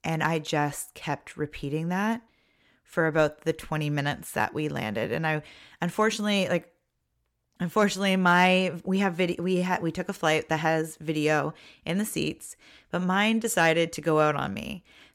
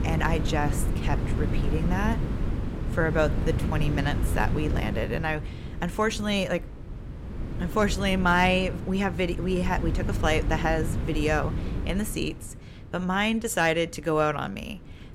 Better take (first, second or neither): first